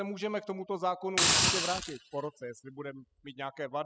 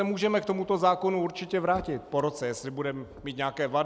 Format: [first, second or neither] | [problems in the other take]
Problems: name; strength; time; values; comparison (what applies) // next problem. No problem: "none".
second | noise reduction (classical method spectral subtraction)